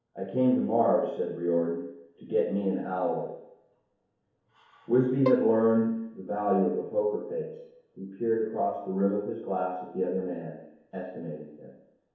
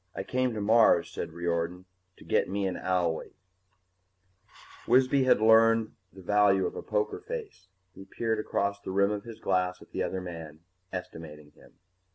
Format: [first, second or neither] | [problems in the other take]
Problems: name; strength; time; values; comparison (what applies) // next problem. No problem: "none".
second | background sound (Bowed string instrument); 7 dB below the speech // room echo; dies away in 1 s